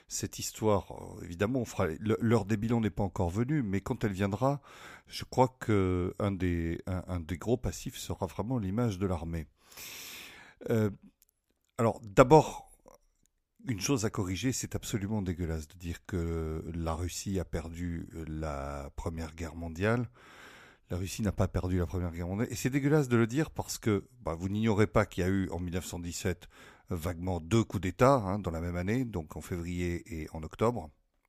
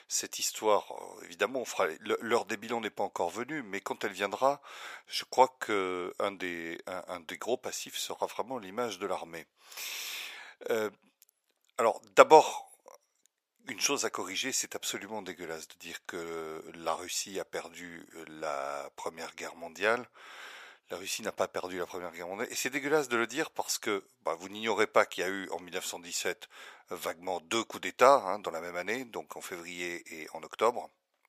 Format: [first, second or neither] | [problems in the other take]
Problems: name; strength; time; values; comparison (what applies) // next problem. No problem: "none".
first | thin; very; fading below 600 Hz